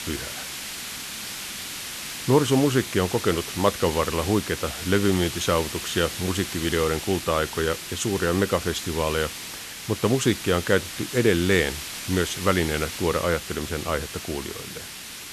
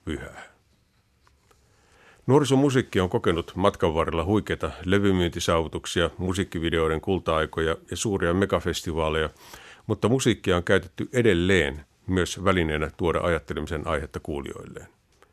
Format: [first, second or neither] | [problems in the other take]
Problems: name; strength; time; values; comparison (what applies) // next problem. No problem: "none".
second | hiss; loud; throughout; 8 dB below the speech